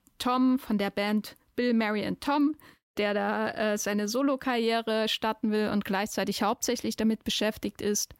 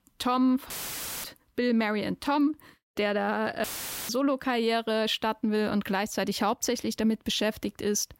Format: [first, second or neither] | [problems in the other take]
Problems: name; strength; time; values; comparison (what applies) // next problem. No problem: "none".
first | audio cutting out; filled with static; at 0.5 s for 0.5 s and at 3.5 s